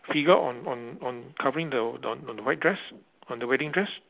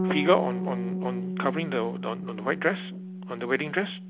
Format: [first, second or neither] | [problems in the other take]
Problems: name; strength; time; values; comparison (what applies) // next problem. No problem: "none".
first | background sound (Bass guitar); 4 dB below the speech